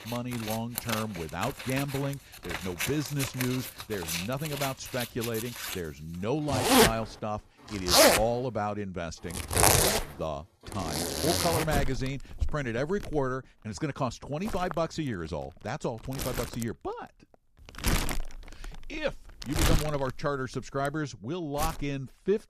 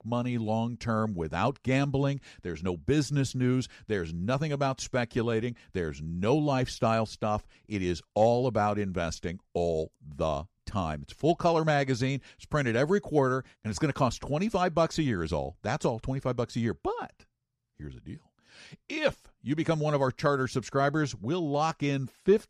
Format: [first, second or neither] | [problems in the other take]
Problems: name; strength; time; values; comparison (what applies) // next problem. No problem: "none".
second | household noises; very loud; throughout; 5 dB above the speech